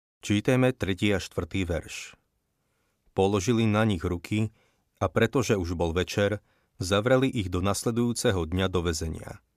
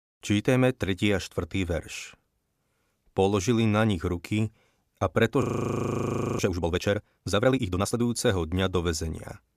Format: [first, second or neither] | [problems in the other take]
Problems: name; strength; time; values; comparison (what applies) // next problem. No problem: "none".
first | audio freezing; at 5.5 s for 1 s